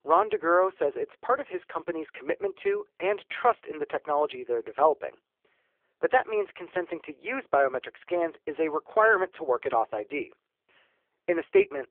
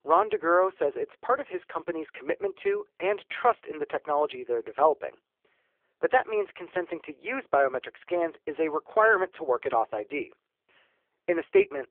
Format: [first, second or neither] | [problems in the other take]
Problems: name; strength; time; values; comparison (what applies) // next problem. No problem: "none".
neither | phone-call audio; poor line; the same in both